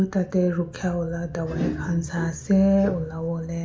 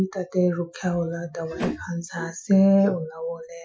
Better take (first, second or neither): first